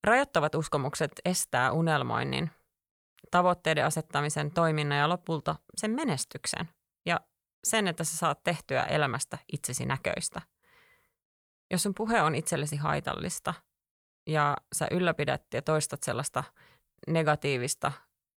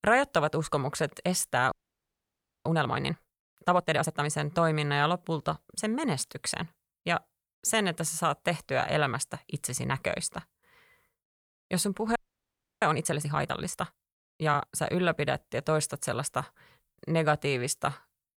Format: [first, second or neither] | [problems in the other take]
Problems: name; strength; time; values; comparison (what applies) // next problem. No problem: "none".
first | audio freezing; at 1.5 s for 1 s and at 12 s for 0.5 s